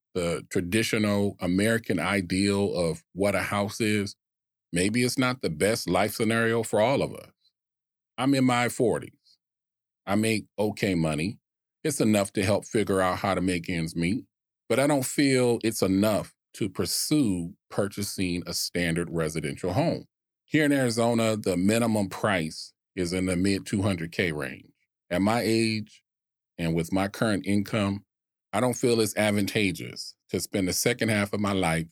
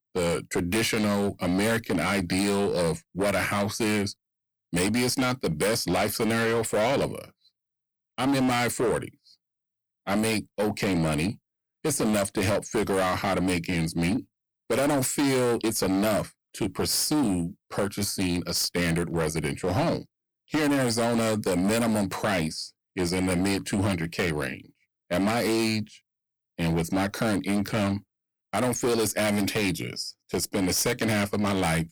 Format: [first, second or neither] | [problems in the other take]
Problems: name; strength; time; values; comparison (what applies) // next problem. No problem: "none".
first | distortion; heavy; 16% of the sound clipped